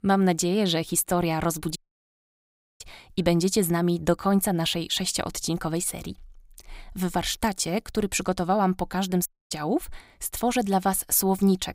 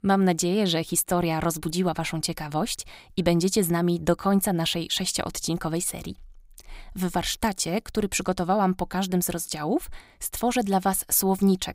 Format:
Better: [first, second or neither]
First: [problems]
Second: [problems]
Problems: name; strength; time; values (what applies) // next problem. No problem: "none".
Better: second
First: audio cutting out; at 2 s for 1 s and at 9.5 s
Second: none